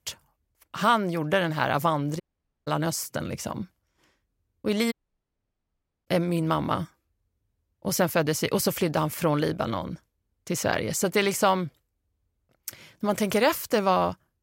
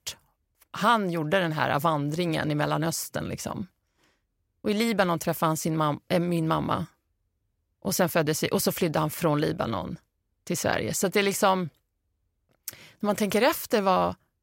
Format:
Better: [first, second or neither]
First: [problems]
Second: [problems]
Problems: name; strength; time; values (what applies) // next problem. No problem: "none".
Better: second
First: audio cutting out; at 2 s and at 5 s for 1 s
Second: none